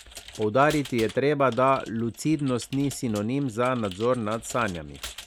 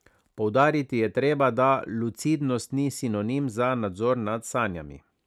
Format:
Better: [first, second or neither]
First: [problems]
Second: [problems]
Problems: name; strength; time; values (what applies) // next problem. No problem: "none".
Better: second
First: background sound (Computer keyboard); 18 dB below the speech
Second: none